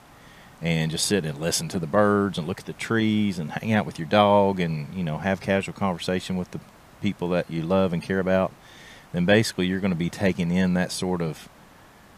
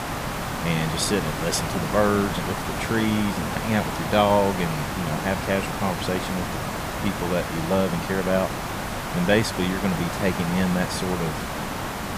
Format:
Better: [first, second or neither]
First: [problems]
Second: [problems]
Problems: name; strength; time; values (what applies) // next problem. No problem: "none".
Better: first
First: hiss; faint; throughout; 25 dB below the speech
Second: hiss; loud; throughout; 4 dB below the speech